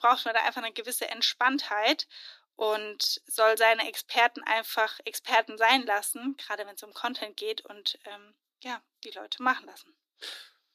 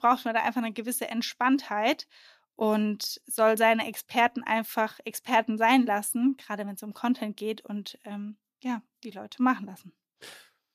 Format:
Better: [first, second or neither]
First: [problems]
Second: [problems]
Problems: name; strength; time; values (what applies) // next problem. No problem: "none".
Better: second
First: thin; somewhat; fading below 300 Hz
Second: none